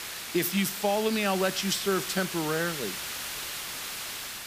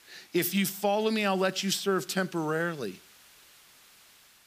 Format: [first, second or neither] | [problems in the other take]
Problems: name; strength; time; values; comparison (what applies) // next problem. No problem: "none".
second | hiss; loud; throughout; 6 dB below the speech; faint in the second